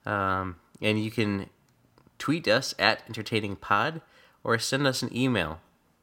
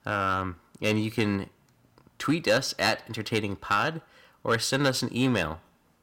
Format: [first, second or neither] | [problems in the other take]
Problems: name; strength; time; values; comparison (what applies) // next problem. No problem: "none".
first | distortion; slight; 1.9% of the sound clipped